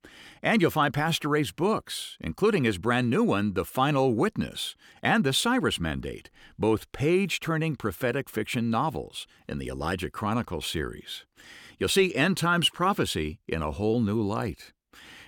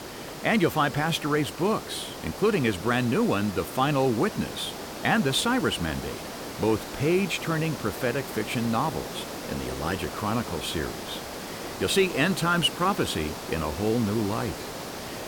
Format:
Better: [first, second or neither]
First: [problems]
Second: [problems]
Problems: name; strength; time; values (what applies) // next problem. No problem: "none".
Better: first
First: none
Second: hiss; loud; throughout; 9 dB below the speech